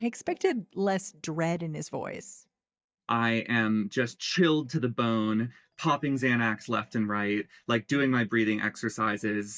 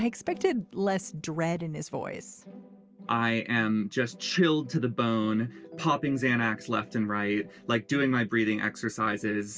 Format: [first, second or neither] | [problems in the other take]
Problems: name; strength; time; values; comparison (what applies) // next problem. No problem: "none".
second | noise reduction (neural mask model DeepFilterNet 3)